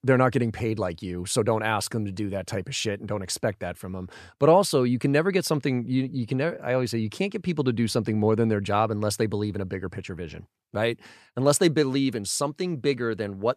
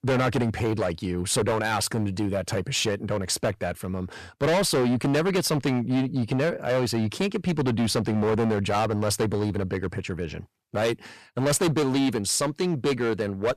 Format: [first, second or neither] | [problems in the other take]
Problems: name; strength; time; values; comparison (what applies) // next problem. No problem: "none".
first | distortion; heavy; 16% of the sound clipped